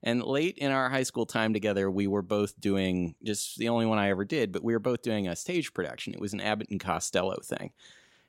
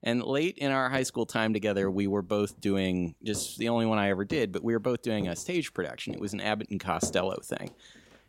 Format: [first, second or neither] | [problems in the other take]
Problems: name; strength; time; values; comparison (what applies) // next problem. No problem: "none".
first | footsteps; noticeable; from 1 to 7.5 s; peak 7 dB below the speech